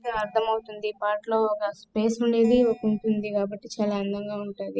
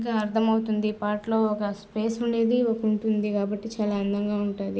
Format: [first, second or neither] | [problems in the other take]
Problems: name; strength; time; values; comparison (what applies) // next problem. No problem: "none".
second | noise reduction (classical method spectral subtraction)